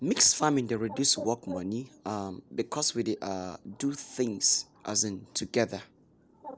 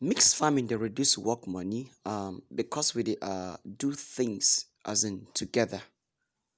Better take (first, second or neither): second